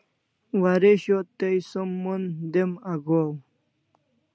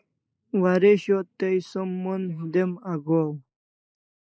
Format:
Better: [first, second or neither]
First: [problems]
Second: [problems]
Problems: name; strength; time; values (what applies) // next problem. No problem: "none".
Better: first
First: none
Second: noise reduction (neural mask model Resemble Enhance denoiser)